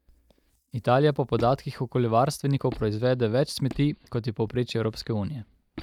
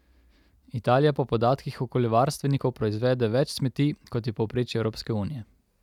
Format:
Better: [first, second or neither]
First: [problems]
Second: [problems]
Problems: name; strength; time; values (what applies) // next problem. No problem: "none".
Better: second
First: noise reduction (neural mask model DeepFilterNet 3)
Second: none